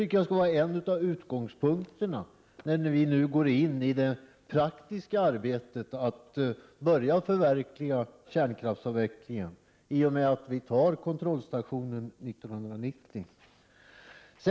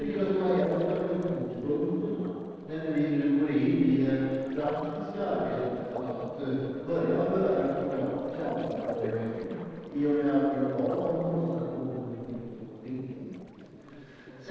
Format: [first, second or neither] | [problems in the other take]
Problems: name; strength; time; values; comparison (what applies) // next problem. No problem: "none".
first | noise reduction (neural separator model SepFormer DNS4)